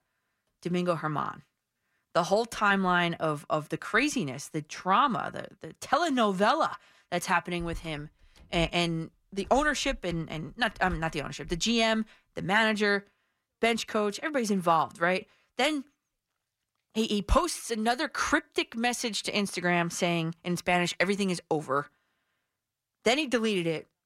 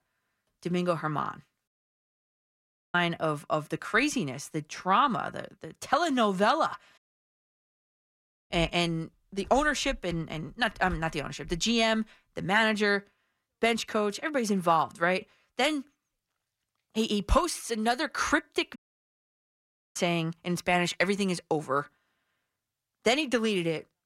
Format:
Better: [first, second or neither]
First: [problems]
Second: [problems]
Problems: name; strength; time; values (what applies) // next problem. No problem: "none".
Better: first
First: none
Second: audio cutting out; at 1.5 s for 1.5 s, at 7 s for 1.5 s and at 19 s for 1 s